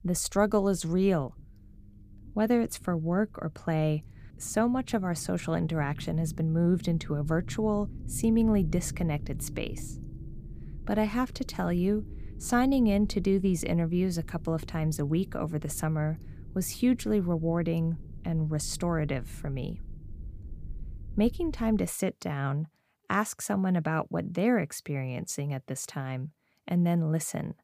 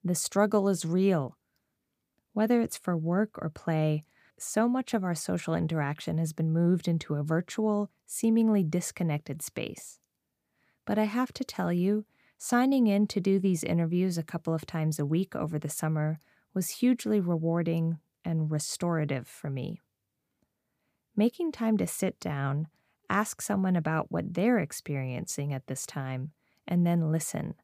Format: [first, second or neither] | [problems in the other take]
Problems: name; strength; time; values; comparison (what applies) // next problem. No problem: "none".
second | low rumble; faint; until 22 s; 20 dB below the speech